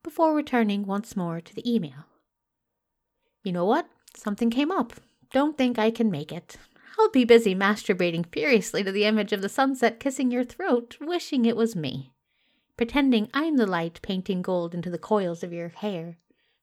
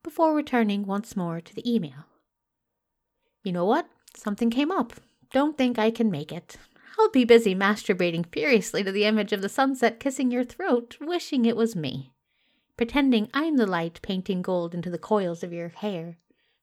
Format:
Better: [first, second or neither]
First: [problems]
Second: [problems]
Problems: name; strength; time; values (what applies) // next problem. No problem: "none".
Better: neither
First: none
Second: none